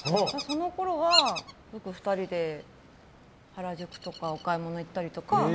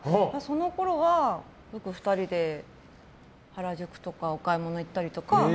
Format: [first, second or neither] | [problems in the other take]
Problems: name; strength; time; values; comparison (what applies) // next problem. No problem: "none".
second | background sound (Bird vocalization, bird call, bird song); 6 dB below the speech